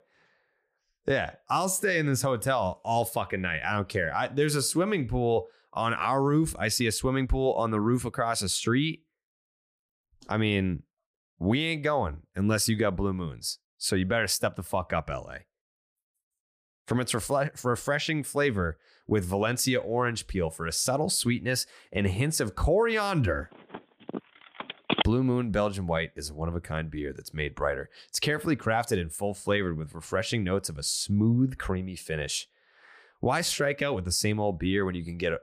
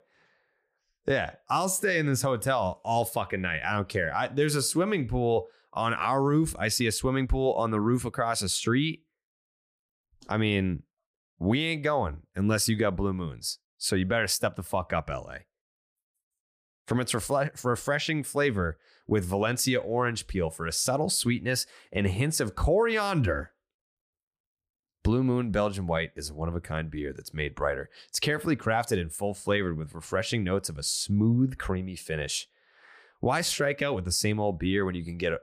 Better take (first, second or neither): second